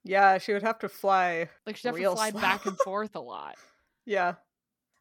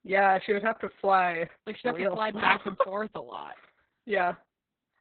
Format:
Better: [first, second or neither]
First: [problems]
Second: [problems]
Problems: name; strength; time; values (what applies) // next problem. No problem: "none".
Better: first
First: none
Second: garbled, watery; badly; nothing above 4 kHz